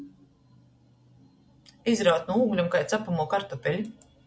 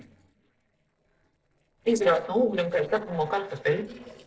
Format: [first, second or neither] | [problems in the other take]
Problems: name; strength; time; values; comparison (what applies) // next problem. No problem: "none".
first | noise reduction (neural separator model SepFormer DNS4)